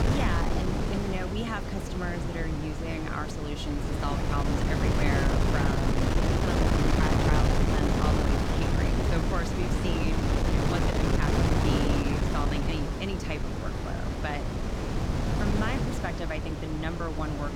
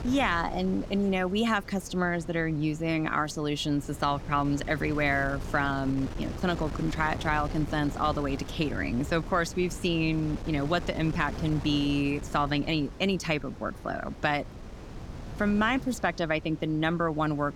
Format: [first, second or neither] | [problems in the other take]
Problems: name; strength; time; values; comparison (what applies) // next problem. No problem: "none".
second | wind noise on the microphone; heavy; 3 dB above the speech; occasional gusts in the second